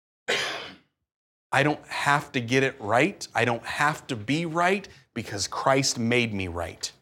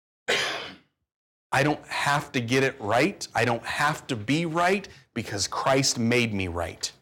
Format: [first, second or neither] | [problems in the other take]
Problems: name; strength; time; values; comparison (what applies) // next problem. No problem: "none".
first | distortion; slight; 2% of the sound clipped